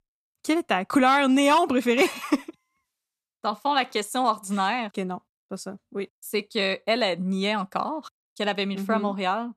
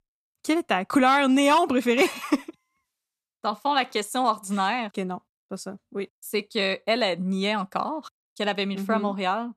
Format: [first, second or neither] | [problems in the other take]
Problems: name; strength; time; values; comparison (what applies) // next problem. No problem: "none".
neither | none